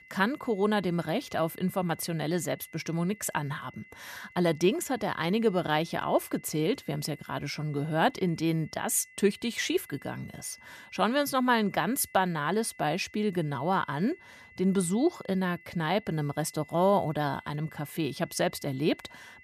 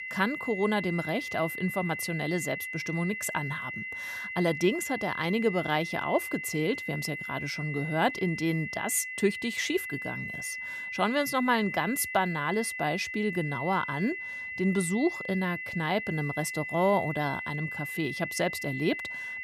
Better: first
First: high-pitched whine; faint; throughout; 2 kHz, 25 dB below the speech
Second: high-pitched whine; loud; throughout; 2 kHz, 5 dB below the speech

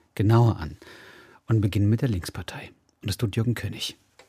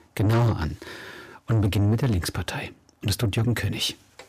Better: first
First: none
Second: distortion; heavy; 7 dB below the speech

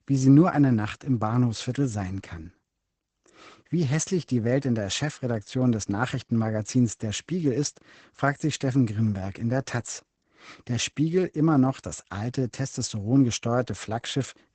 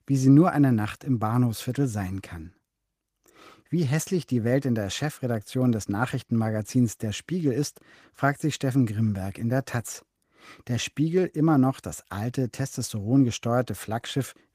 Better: second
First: garbled, watery; badly; nothing above 8 kHz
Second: garbled, watery; slightly; nothing above 15 kHz

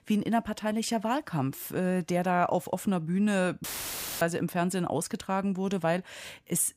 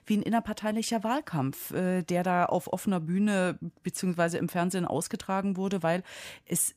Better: second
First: audio cutting out; filled with static; at 3.5 s for 0.5 s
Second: none

